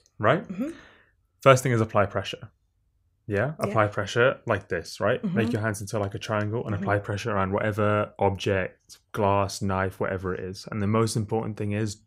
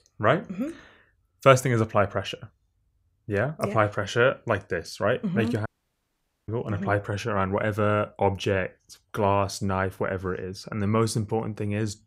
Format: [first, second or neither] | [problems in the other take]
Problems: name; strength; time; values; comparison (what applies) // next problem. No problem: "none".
first | audio cutting out; at 5.5 s for 1 s